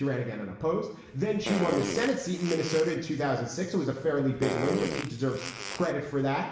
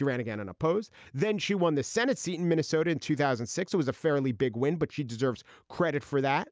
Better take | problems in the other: second | background sound (Fart); 7 dB below the speech // room echo; dies away in 0.9 s

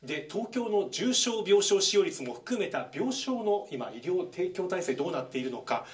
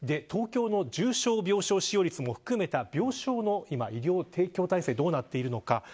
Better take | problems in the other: second | room echo; dies away in 0.3 s

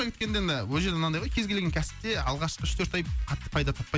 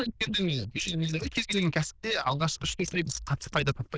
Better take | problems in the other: first | noise reduction (neural diffusion model UNIVERSE++)

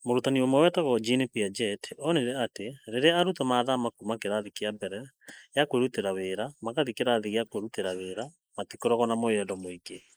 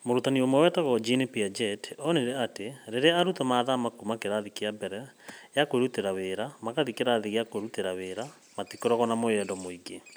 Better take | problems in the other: second | noise reduction (neural mask model Resemble Enhance denoiser)

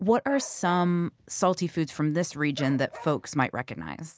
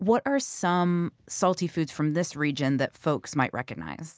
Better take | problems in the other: second | background sound (Bark); 19 dB below the speech

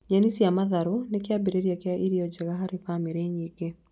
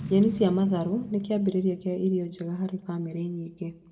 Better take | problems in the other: first | background sound (Boom); 16 dB below the speech // room echo; dies away in 0.9 s

